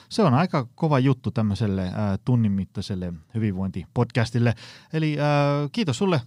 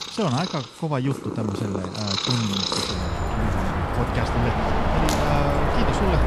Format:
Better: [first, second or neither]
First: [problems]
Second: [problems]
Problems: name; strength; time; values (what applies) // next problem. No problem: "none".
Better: first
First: none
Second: animal sounds; very loud; throughout; 3 dB above the speech